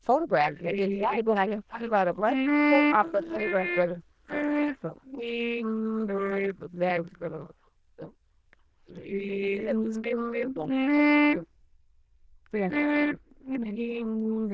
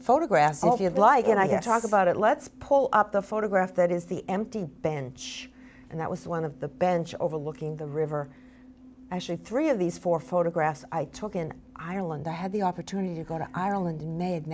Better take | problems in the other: second | noise reduction (neural diffusion model UNIVERSE++)

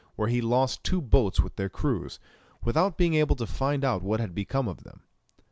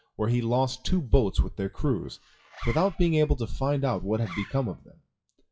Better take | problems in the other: first | noise reduction (classical method WPE with log-MMSE)

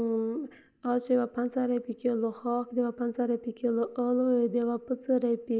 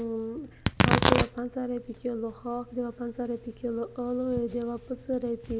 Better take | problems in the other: first | background sound (Tearing); as loud as the speech

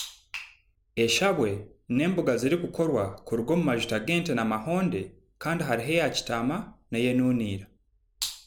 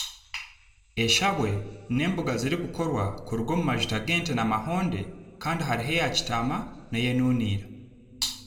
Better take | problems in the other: first | room echo; dies away in 0.7 s

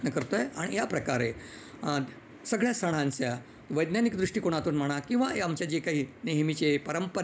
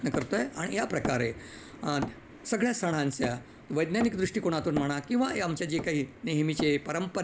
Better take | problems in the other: first | background sound (Hammer); 12 dB below the speech

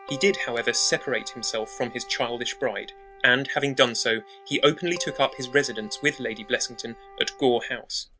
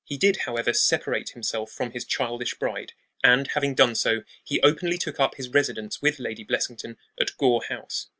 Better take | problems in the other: second | background sound (Keyboard (musical) + Wind instrument, woodwind instrument); 18 dB below the speech

